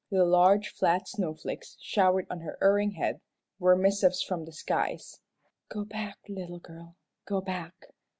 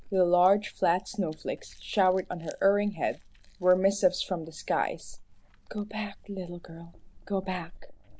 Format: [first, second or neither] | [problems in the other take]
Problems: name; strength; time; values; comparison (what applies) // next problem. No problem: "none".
first | background sound (Chewing, mastication); 19 dB below the speech